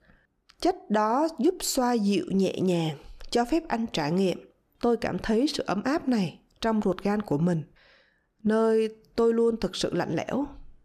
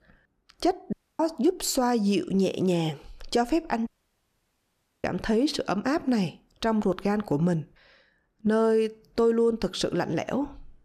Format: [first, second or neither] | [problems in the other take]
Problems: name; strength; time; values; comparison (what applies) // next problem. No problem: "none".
first | audio cutting out; at 1 s and at 4 s for 1 s